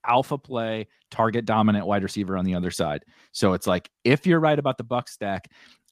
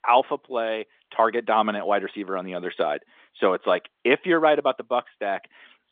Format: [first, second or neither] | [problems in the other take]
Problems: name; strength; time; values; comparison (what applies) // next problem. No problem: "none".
first | phone-call audio; nothing above 3.5 kHz